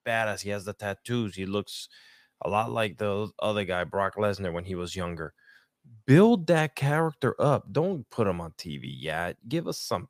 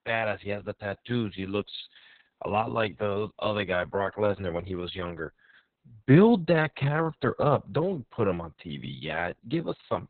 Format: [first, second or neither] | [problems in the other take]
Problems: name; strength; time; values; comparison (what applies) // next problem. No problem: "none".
first | garbled, watery; badly; nothing above 4 kHz